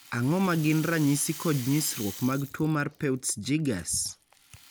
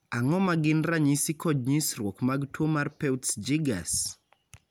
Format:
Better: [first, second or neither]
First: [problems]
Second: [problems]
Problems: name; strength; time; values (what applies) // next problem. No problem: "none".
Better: second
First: background sound (Rattle); 16 dB below the speech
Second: none